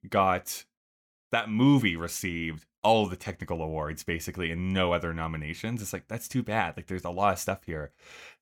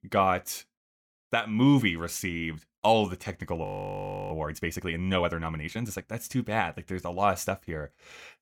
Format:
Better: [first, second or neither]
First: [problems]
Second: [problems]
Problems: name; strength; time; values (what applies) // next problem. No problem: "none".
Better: first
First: none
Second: audio freezing; at 3.5 s for 0.5 s